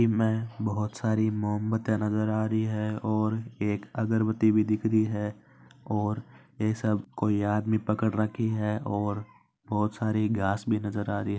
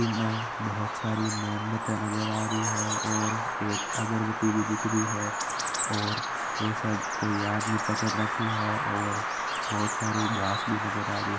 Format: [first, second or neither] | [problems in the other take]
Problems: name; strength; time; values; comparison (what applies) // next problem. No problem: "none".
first | background sound (Bird vocalization, bird call, bird song); as loud as the speech